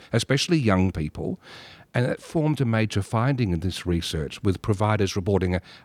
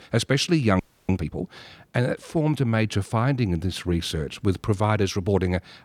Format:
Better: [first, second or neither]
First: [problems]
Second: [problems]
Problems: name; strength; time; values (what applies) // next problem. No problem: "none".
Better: first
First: none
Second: audio freezing; at 1 s